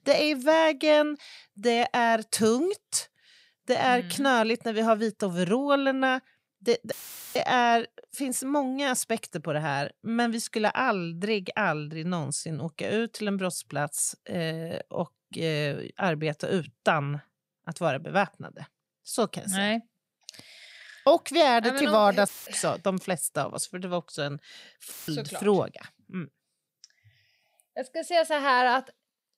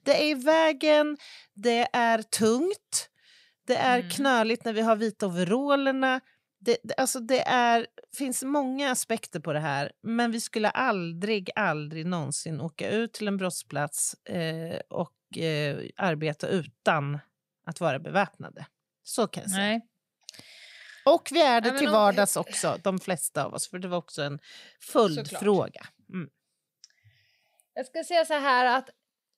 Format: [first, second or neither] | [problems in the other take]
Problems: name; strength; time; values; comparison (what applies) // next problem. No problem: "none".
second | audio cutting out; filled with static; at 7 s, at 22 s and at 25 s